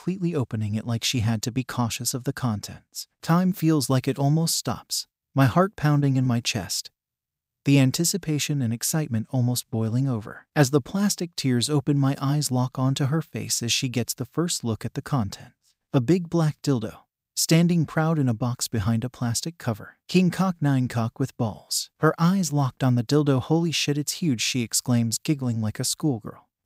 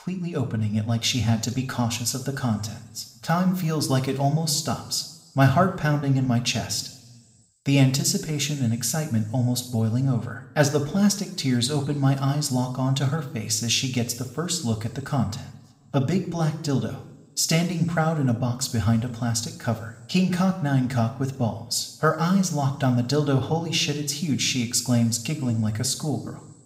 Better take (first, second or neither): first